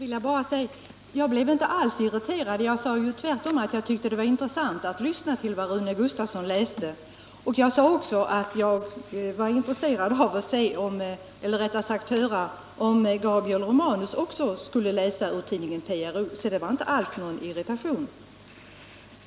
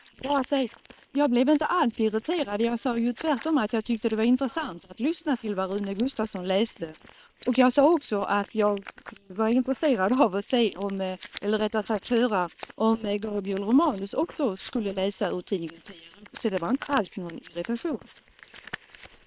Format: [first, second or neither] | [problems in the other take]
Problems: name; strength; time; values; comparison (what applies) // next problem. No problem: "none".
first | noise reduction (neural separator model SepFormer WHAM!)